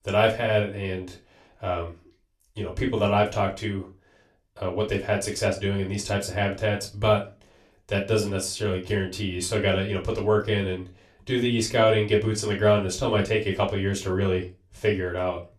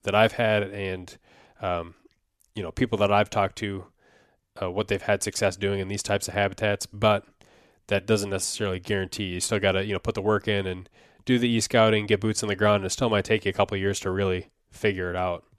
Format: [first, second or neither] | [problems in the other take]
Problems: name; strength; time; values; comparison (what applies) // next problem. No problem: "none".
second | off-mic speech; somewhat distant // room echo; very slight; dies away in 0.2 s